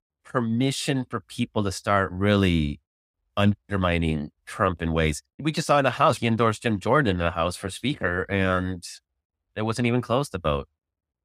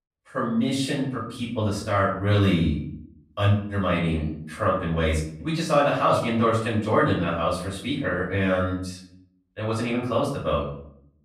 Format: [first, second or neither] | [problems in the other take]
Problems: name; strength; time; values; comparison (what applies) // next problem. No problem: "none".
first | off-mic speech; far // room echo; noticeable; dies away in 0.5 s